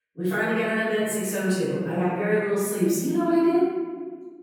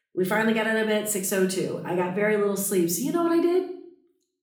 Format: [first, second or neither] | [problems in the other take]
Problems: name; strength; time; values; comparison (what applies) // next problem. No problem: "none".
second | room echo; strong; dies away in 1.6 s; slight in the second // off-mic speech; far; somewhat distant in the second